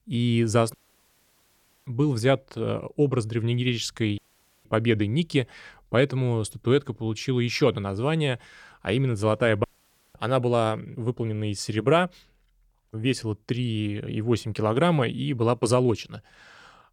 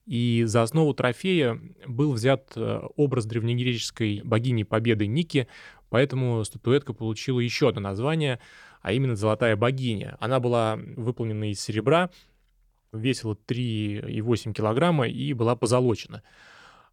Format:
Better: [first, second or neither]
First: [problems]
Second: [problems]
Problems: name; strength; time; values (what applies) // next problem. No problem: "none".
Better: second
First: audio cutting out; at 0.5 s for 1 s, at 4 s and at 9.5 s for 0.5 s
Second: none